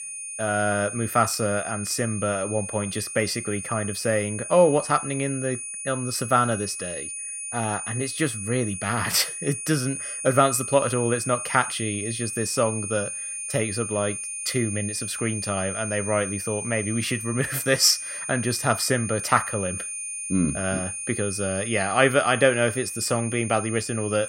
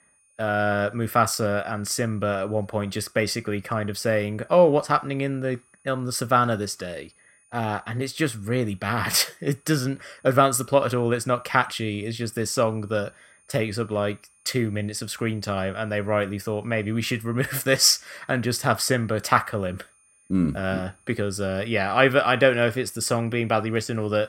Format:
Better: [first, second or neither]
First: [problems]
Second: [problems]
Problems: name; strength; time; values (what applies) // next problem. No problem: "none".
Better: second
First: high-pitched whine; loud; throughout; 9 kHz, 6 dB below the speech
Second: high-pitched whine; faint; throughout; 9 kHz, 35 dB below the speech